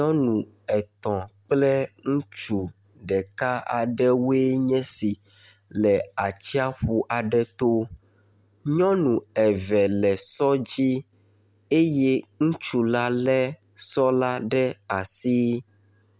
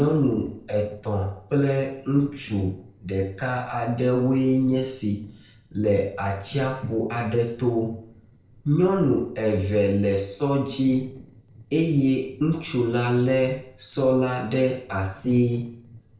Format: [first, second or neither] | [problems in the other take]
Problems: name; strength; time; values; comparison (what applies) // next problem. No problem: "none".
first | noise reduction (neural separator model SepFormer DNS4)